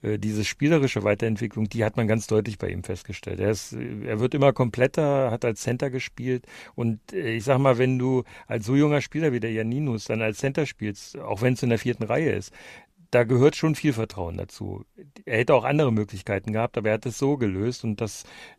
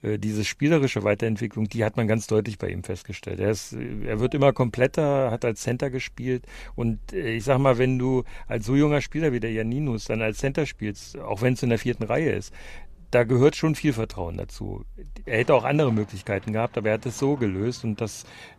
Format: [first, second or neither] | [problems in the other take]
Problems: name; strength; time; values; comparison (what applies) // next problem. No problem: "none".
first | traffic noise; faint; throughout; 25 dB below the speech